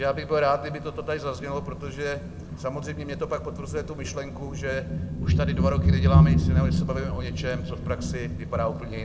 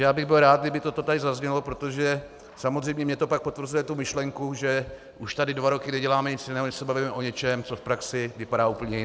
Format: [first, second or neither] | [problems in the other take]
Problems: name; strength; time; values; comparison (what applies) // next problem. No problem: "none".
second | background sound (Thunder); 4 dB above the speech // room echo; dies away in 0.6 s